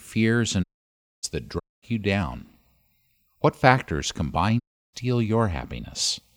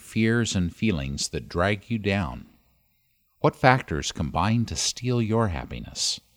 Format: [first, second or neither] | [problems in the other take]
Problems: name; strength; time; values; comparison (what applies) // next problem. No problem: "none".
second | audio cutting out; at 0.5 s for 0.5 s, at 1.5 s and at 4.5 s